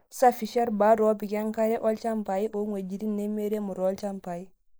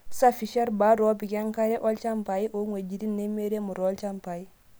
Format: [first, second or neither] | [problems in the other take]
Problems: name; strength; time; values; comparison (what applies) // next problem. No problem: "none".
second | noise reduction (neural mask model Resemble Enhance denoiser)